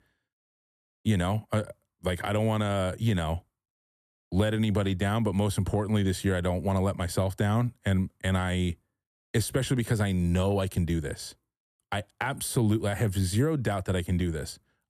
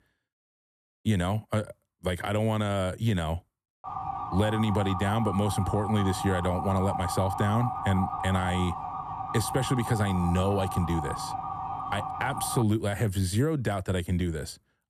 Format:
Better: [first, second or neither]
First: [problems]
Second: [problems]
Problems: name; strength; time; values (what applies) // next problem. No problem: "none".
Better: first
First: none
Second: siren; noticeable; from 4 to 13 s; peak 4 dB below the speech